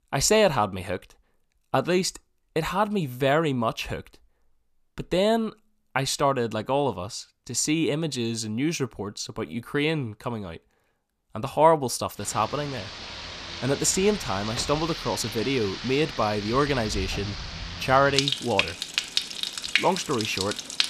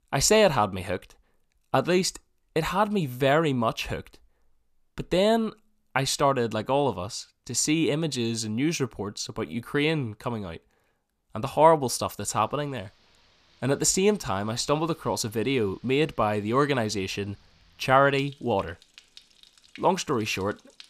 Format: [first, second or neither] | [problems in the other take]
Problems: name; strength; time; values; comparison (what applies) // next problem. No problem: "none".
second | rain or running water; loud; from 12 s on; 5 dB below the speech; faint in the second